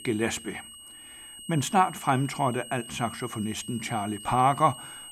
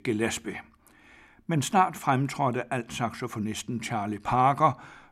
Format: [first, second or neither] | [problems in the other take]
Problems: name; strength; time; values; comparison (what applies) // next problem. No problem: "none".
second | high-pitched whine; noticeable; throughout; 3 kHz, 15 dB below the speech